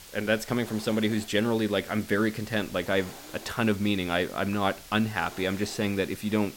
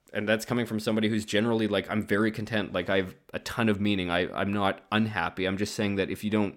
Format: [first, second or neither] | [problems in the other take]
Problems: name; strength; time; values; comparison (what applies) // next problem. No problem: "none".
second | hiss; noticeable; throughout; 15 dB below the speech